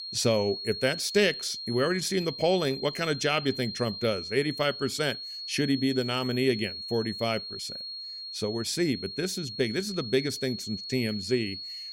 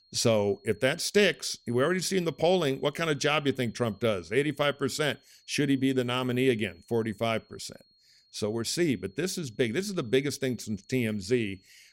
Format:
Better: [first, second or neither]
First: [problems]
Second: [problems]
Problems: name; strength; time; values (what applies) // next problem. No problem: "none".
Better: second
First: high-pitched whine; loud; throughout; 4.5 kHz, 7 dB below the speech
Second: high-pitched whine; faint; throughout; 4.5 kHz, 35 dB below the speech